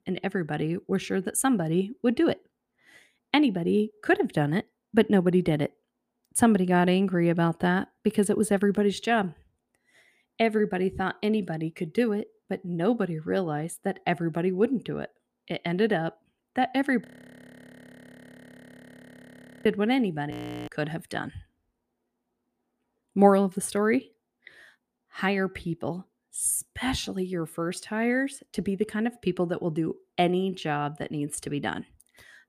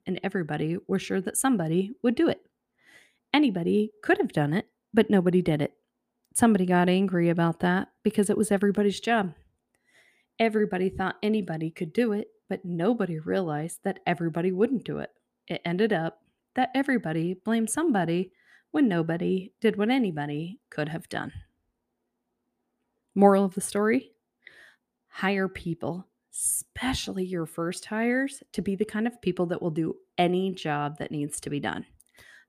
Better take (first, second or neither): second